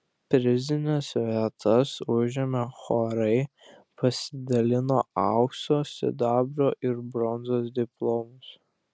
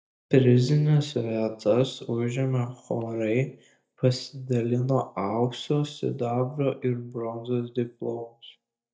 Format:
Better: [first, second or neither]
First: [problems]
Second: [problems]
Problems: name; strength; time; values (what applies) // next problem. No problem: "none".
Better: first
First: none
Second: noise reduction (neural mask model DeepFilterNet 3)